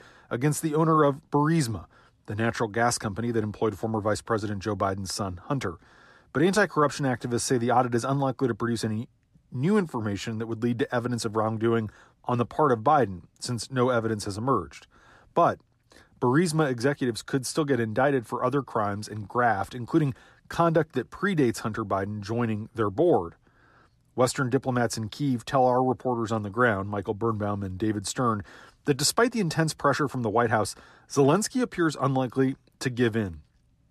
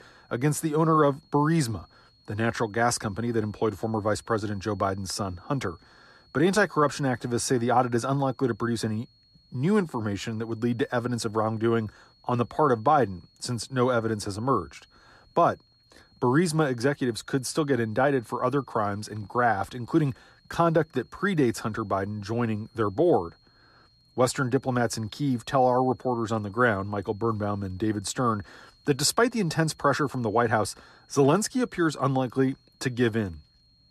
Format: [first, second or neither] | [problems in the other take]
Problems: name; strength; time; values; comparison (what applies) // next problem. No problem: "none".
first | high-pitched whine; faint; throughout; 4.5 kHz, 35 dB below the speech